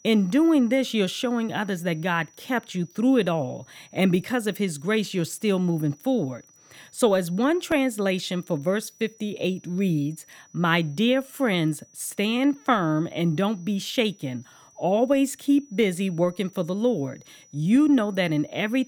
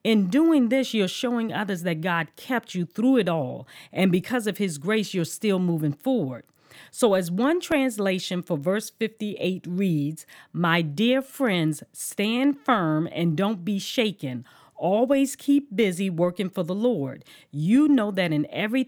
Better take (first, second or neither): second